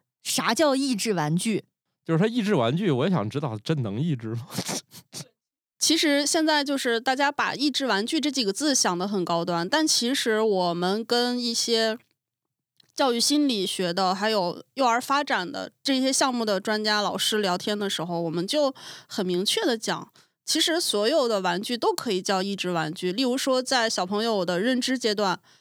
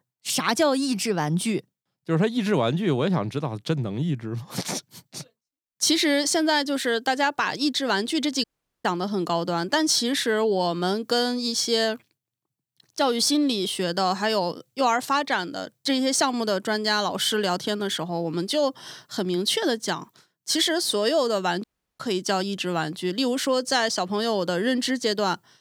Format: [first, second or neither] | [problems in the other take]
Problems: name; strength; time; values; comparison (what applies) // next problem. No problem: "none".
first | audio cutting out; at 8.5 s and at 22 s